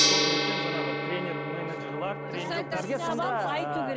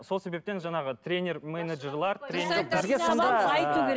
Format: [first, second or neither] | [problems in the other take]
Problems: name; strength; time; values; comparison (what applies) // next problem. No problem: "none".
second | background sound (Gong); 3 dB above the speech